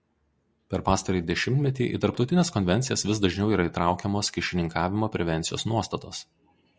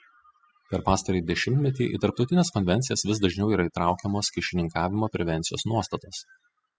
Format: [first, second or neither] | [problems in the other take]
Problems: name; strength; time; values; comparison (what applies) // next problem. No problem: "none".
first | noise reduction (classical method spectral subtraction)